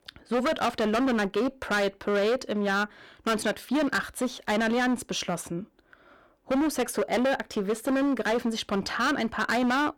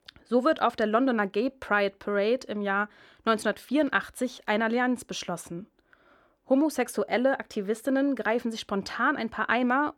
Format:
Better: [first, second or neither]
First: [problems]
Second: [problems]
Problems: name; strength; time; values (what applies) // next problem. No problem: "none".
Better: second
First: distortion; heavy; 18% of the sound clipped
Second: none